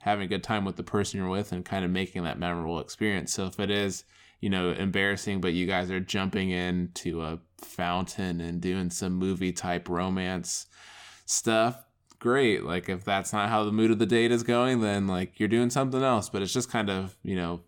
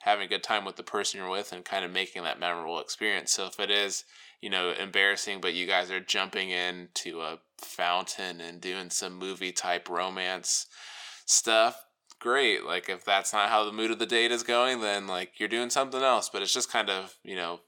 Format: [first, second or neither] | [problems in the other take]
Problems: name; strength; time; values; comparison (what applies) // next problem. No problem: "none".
first | thin; very; fading below 550 Hz